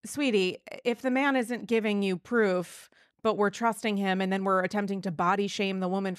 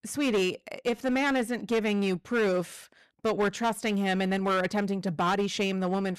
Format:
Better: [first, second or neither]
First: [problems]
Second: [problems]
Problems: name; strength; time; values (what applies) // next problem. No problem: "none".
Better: first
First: none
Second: distortion; slight; 10% of the sound clipped